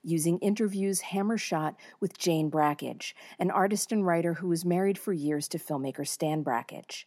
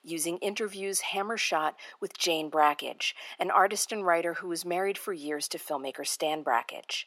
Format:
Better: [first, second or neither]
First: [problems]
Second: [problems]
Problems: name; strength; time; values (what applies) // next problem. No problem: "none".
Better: first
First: none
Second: thin; very; fading below 550 Hz